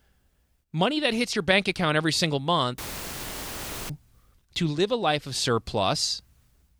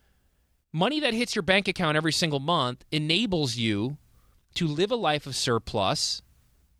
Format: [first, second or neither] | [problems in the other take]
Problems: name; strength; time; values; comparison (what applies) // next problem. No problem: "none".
second | audio cutting out; filled with static; at 3 s for 1 s